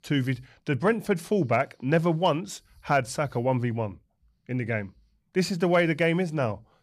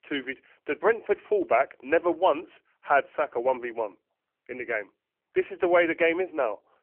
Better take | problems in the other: first | phone-call audio; poor line; nothing above 3 kHz

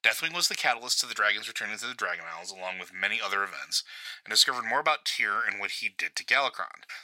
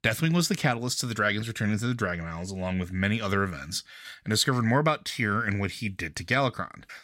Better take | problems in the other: second | thin; very; fading below 800 Hz

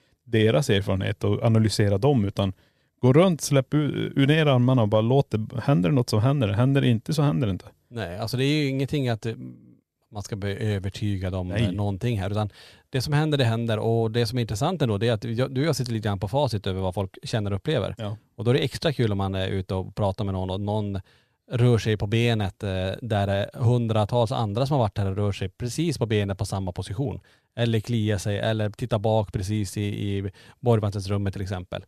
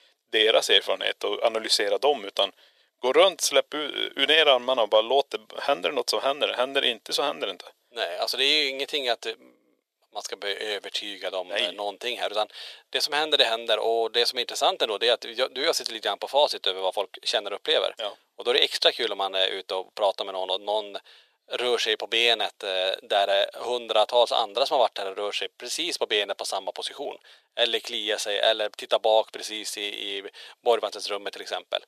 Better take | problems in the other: first | thin; very; fading below 450 Hz

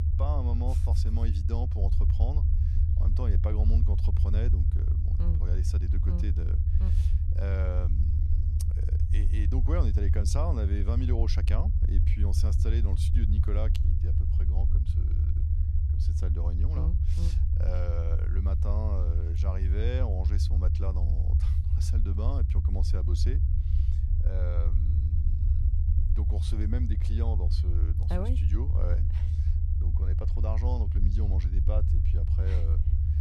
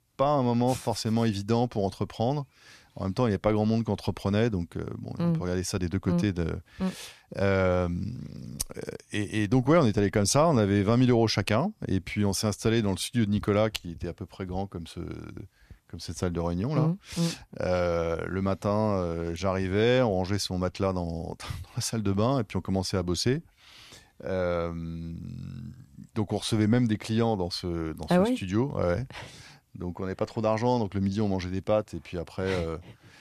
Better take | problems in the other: second | low rumble; loud; throughout; 3 dB below the speech

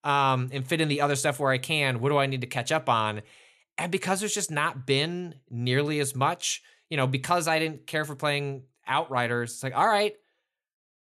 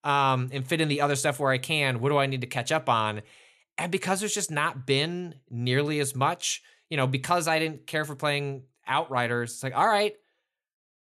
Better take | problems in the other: neither | none

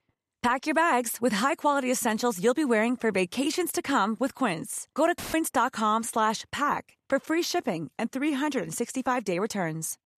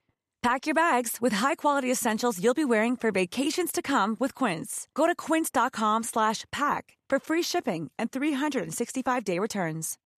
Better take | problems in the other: second | audio cutting out; filled with static; at 5 s

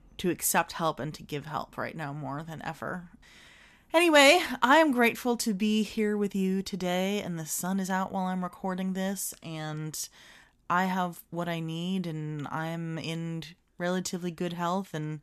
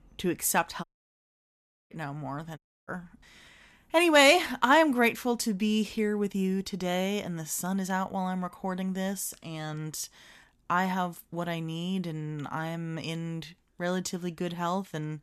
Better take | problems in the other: first | audio cutting out; at 1 s for 1 s and at 2.5 s

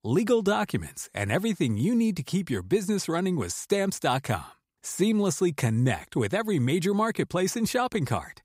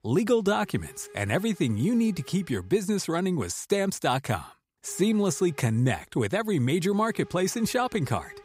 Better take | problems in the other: first | hiss; faint; until 2.5 s and from 5 s on; 25 dB below the speech

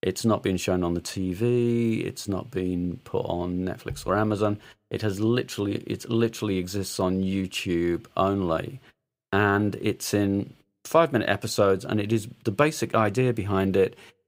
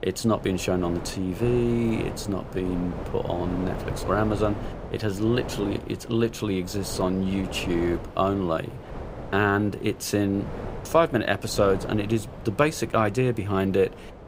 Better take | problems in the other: first | wind noise on the microphone; occasional gusts; 10 dB below the speech

